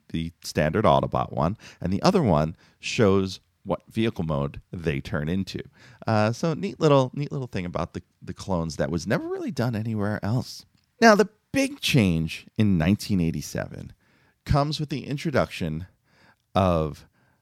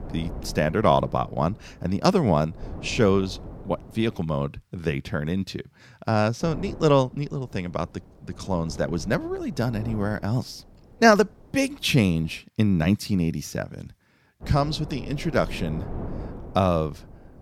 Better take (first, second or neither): first